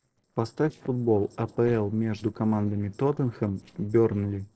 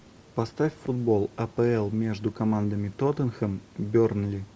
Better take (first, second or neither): second